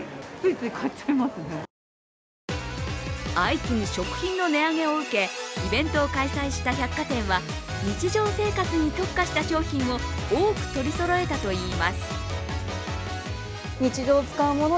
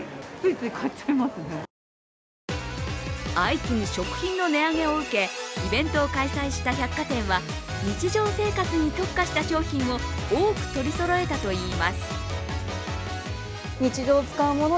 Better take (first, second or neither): first